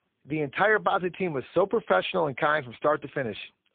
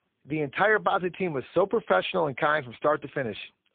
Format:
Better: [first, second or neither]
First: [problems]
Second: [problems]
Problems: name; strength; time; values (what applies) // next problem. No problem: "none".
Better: neither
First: phone-call audio; poor line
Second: phone-call audio; poor line